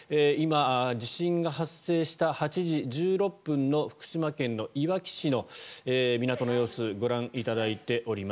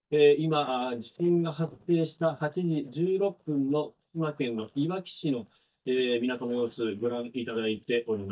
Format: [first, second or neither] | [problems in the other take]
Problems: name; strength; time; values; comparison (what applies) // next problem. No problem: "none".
first | noise reduction (neural mask model DeepFilterNet 3)